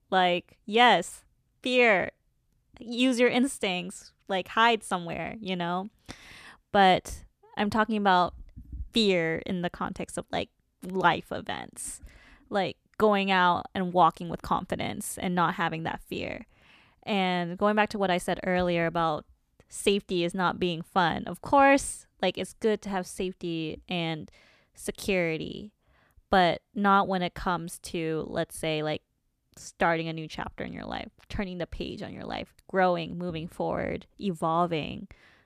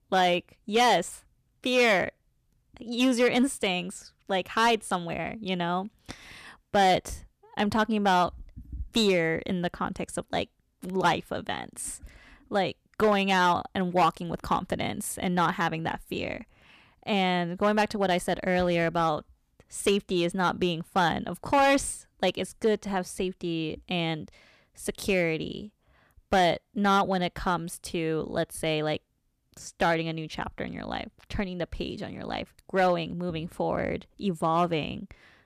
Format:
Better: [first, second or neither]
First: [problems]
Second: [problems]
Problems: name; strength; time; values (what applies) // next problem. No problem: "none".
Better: first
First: none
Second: distortion; slight; 3% of the sound clipped